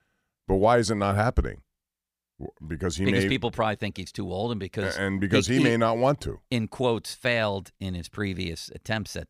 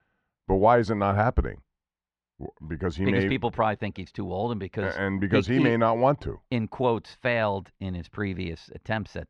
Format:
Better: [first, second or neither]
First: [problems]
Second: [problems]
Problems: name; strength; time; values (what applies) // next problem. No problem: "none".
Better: first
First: none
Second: muffled; slightly; fading above 2.5 kHz